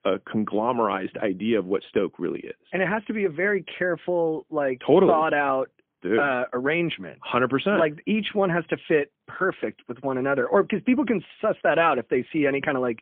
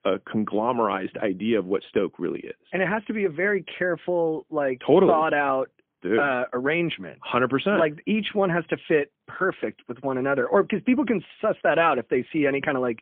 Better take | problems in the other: neither | phone-call audio; poor line; nothing above 3.5 kHz; the same in both

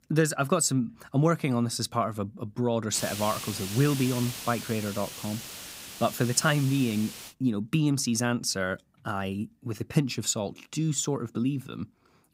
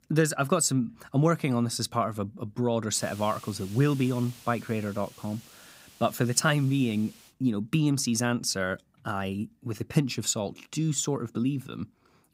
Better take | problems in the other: second | hiss; loud; from 3 to 7.5 s; 9 dB below the speech; faint in the second

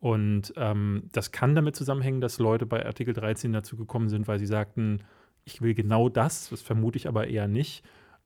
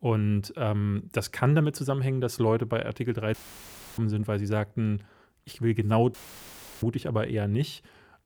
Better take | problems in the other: first | audio cutting out; filled with static; at 3.5 s for 0.5 s and at 6 s for 0.5 s

